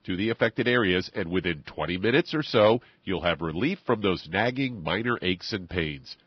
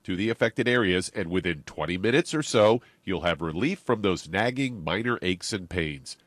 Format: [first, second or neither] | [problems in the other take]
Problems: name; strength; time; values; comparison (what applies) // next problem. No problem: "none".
second | garbled, watery; badly; nothing above 5.5 kHz; slightly in the second